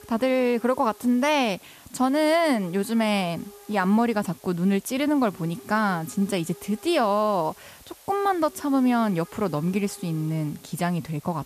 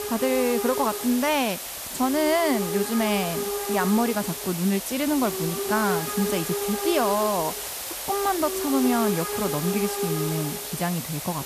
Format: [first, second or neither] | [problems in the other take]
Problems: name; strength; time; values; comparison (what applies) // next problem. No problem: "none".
first | hiss; loud; throughout; 3 dB below the speech; faint in the first